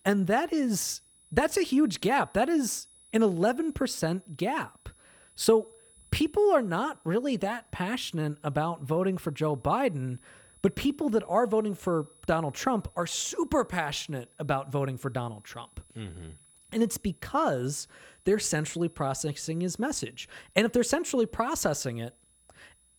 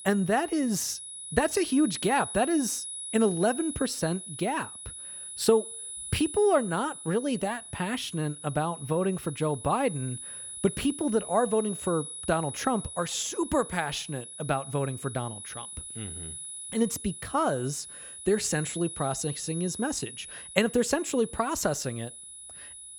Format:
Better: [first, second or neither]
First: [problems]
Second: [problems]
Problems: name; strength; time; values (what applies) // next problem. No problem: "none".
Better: first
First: high-pitched whine; faint; throughout; 10 kHz, 30 dB below the speech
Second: high-pitched whine; loud; throughout; 10 kHz, 9 dB below the speech